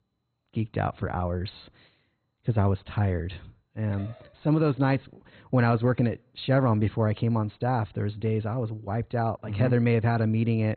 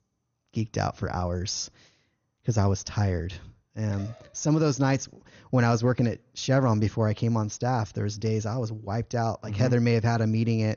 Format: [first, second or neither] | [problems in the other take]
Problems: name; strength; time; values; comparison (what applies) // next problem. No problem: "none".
second | garbled, watery; badly; nothing above 4 kHz; slightly in the second